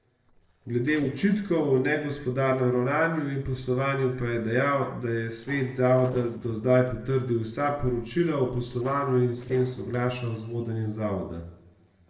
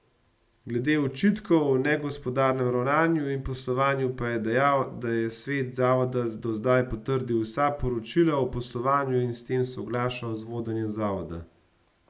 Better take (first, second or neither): second